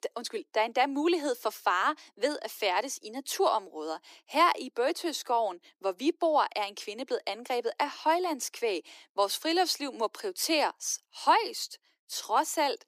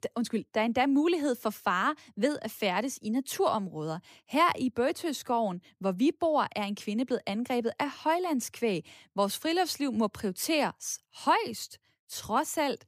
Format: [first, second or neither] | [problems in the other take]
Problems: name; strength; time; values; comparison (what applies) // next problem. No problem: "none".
second | thin; somewhat; fading below 350 Hz